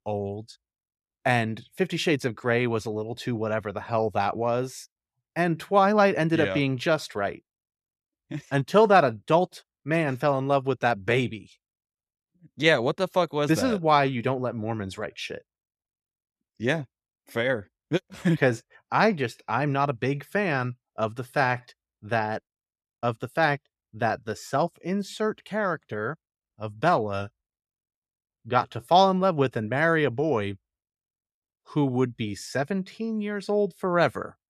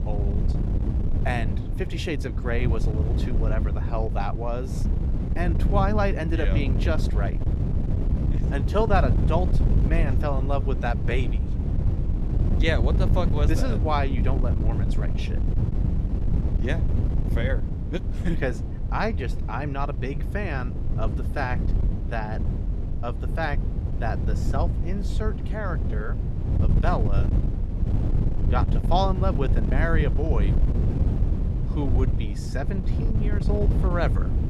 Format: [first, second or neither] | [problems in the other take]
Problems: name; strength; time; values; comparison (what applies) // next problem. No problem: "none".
first | wind noise on the microphone; heavy; 7 dB below the speech